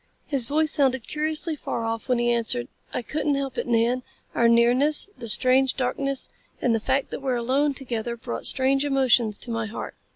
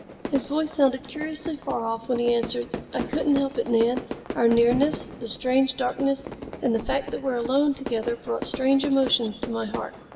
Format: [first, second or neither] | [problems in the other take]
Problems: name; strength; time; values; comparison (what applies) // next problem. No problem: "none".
first | background sound (Fire / Fireworks); 11 dB below the speech // room echo; dies away in 2.7 s